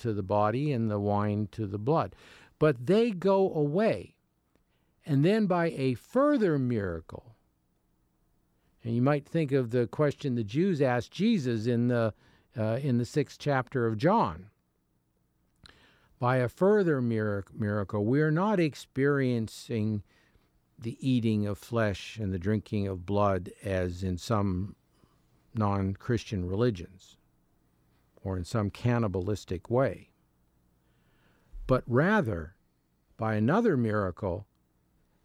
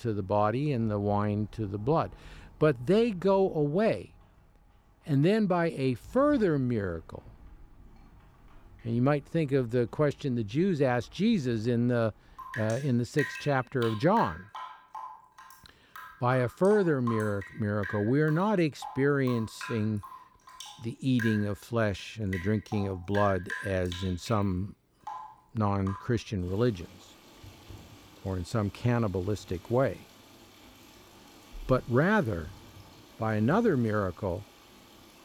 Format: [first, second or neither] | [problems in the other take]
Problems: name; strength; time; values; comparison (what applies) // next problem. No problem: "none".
first | rain or running water; noticeable; throughout; 15 dB below the speech